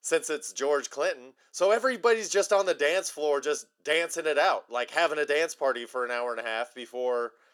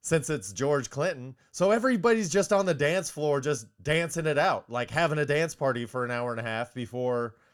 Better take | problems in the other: second | thin; very; fading below 350 Hz

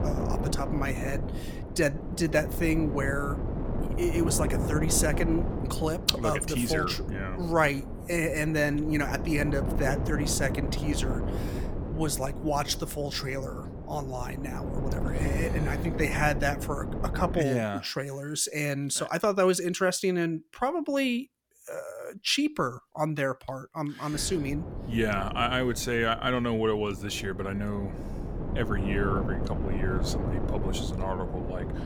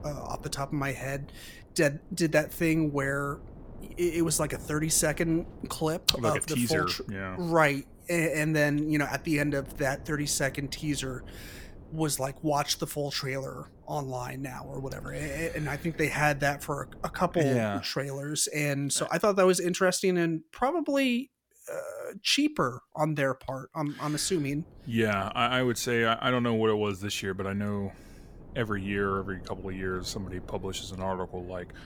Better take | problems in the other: second | wind noise on the microphone; heavy; until 17 s and from 24 s on; 9 dB below the speech; occasional gusts in the second

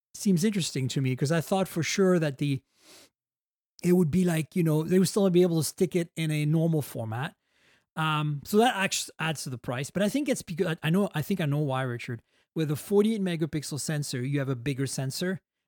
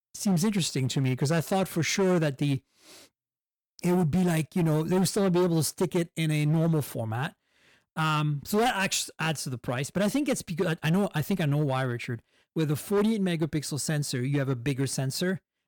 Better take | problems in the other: first | distortion; slight; 9% of the sound clipped

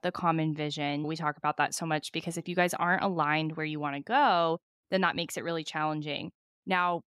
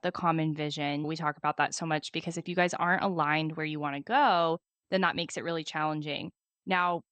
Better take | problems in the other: first | garbled, watery; slightly; nothing above 8.5 kHz

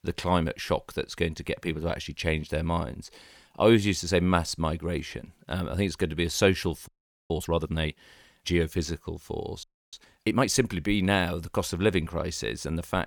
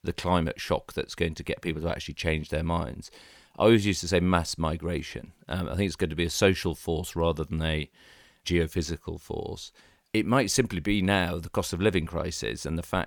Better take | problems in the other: second | audio freezing; at 7 s and at 9.5 s

